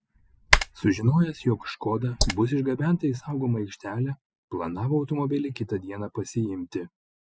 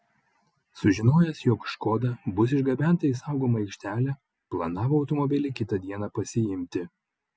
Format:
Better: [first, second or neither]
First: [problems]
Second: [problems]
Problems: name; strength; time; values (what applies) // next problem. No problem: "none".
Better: second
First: noise reduction (neural mask model Resemble Enhance denoiser)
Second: none